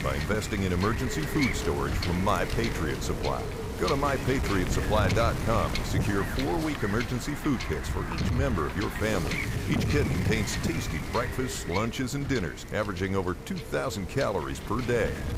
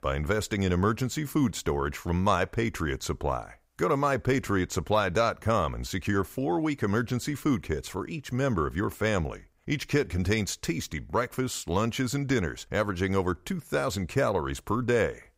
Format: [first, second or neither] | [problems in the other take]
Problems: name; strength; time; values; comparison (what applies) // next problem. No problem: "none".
second | wind noise on the microphone; heavy; 4 dB below the speech